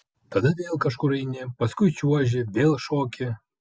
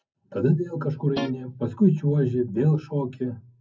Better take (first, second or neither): first